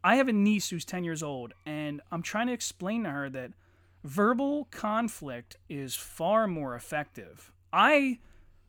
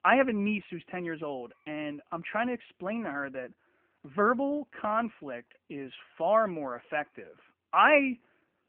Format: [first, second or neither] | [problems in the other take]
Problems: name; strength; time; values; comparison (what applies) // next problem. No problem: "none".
first | phone-call audio; nothing above 2.5 kHz